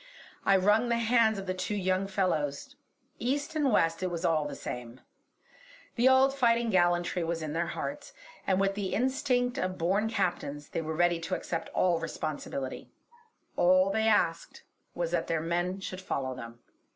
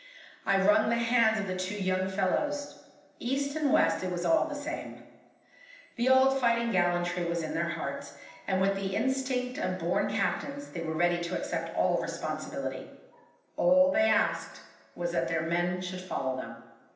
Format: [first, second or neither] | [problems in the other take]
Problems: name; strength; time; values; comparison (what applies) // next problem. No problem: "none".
first | room echo; dies away in 0.9 s